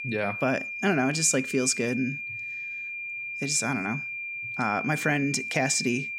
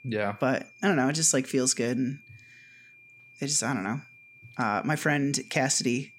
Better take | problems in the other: second | high-pitched whine; loud; throughout; 2.5 kHz, 6 dB below the speech; faint in the second

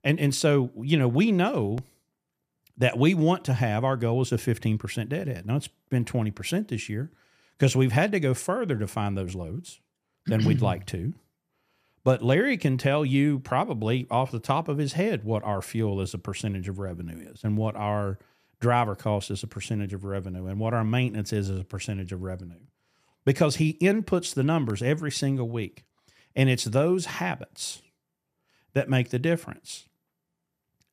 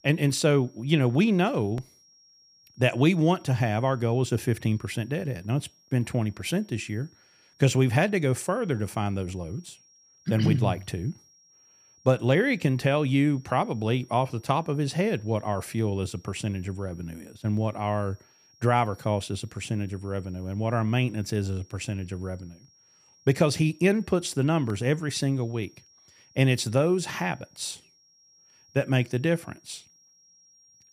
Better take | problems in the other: first | high-pitched whine; faint; throughout; 5.5 kHz, 30 dB below the speech

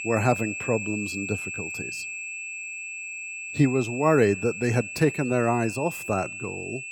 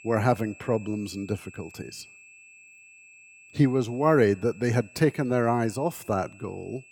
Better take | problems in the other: second | high-pitched whine; loud; throughout; 2.5 kHz, 7 dB below the speech; faint in the second

